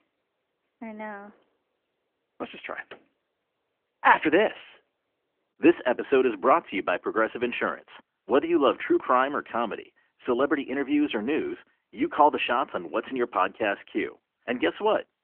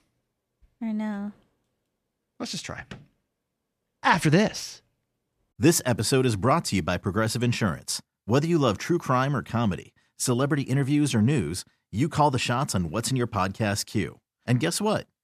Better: second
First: phone-call audio; nothing above 3 kHz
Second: none

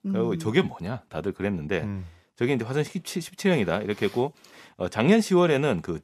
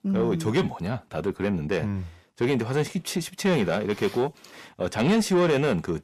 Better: first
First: none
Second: distortion; slight; 10 dB below the speech

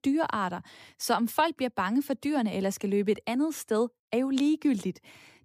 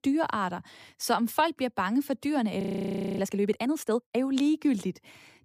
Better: first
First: none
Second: audio freezing; at 2.5 s for 0.5 s

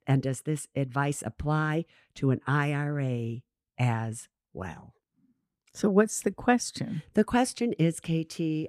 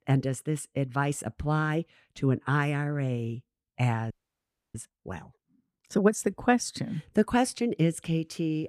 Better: first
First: none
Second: audio freezing; at 4 s for 0.5 s

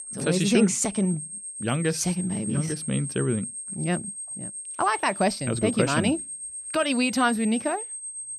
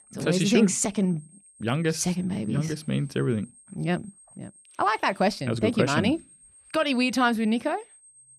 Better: second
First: high-pitched whine; loud; throughout; 8.5 kHz, 8 dB below the speech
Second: high-pitched whine; faint; throughout; 8.5 kHz, 25 dB below the speech

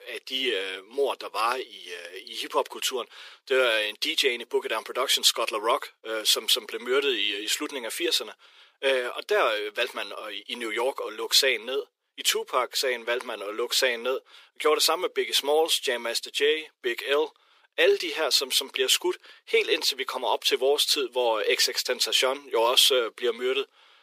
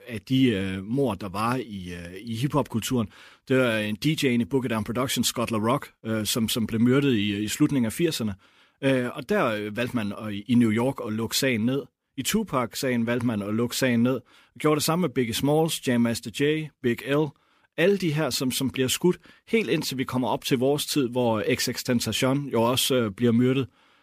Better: second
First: thin; very; fading below 400 Hz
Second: none

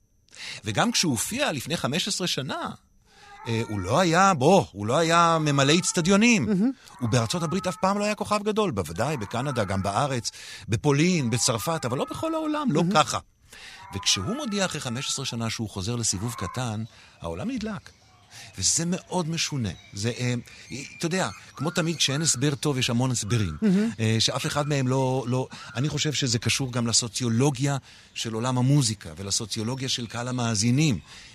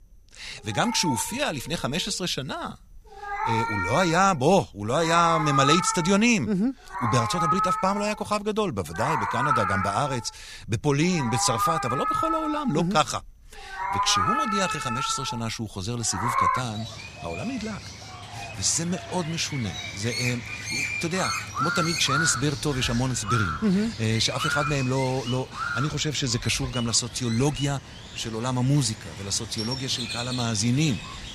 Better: first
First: animal sounds; faint; throughout; 20 dB below the speech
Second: animal sounds; loud; throughout; 3 dB below the speech

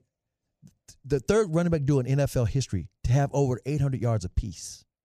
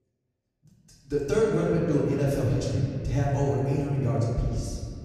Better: first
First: none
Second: off-mic speech; far // room echo; noticeable; dies away in 2.3 s

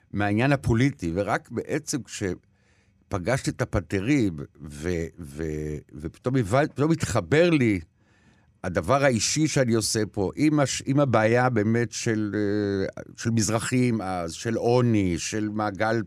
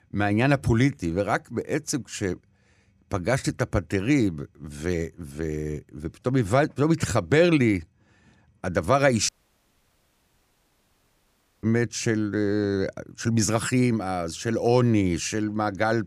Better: first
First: none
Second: audio cutting out; at 9.5 s for 2.5 s

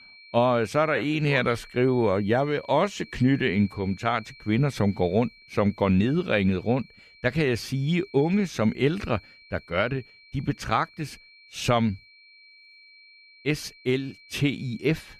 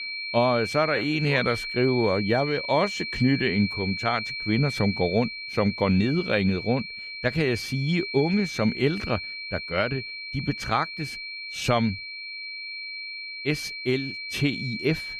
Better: first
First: high-pitched whine; faint; throughout; 2.5 kHz, 25 dB below the speech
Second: high-pitched whine; loud; throughout; 2.5 kHz, 6 dB below the speech

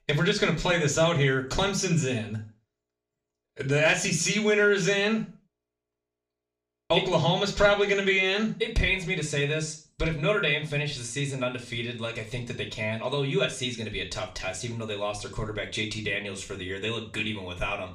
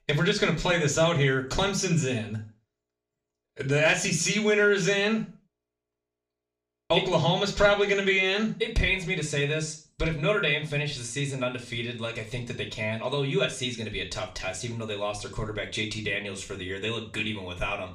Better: neither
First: room echo; slight; dies away in 0.4 s // off-mic speech; far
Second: room echo; slight; dies away in 0.4 s // off-mic speech; far

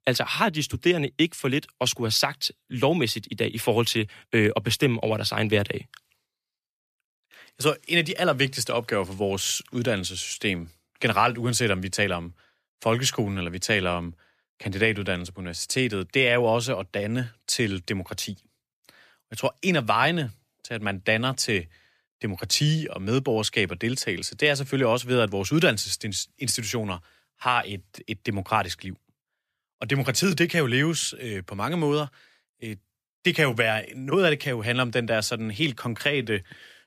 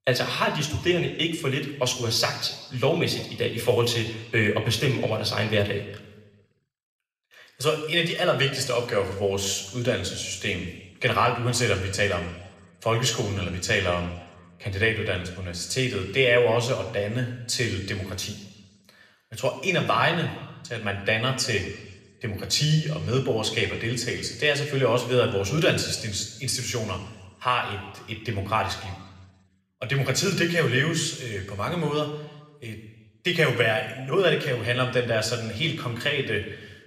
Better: first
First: none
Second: room echo; slight; dies away in 1 s

